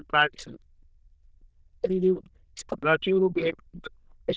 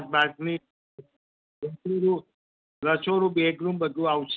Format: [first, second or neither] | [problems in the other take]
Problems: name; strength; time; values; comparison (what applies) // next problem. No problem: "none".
second | noise reduction (neural diffusion model UNIVERSE++)